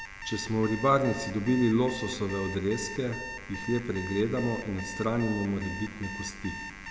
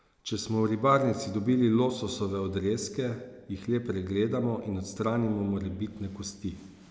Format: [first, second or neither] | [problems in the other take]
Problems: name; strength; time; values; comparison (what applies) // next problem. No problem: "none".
second | background sound (Alarm); 11 dB below the speech